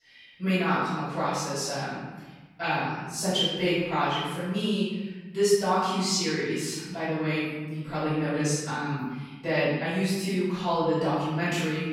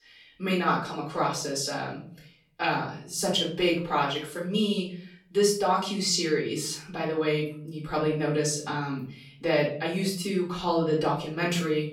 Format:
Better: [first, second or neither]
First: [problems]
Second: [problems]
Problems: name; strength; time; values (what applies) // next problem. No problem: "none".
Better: second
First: room echo; strong; dies away in 1.4 s // off-mic speech; far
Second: room echo; slight; dies away in 0.5 s // off-mic speech; far